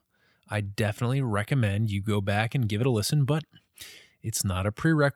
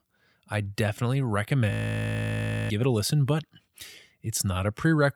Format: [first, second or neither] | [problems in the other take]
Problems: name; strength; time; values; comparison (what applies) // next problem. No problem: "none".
first | audio freezing; at 1.5 s for 1 s